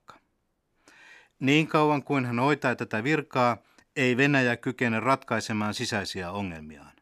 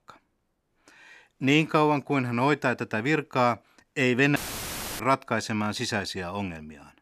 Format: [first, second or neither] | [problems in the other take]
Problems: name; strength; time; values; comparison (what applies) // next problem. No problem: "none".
first | audio cutting out; filled with static; at 4.5 s for 0.5 s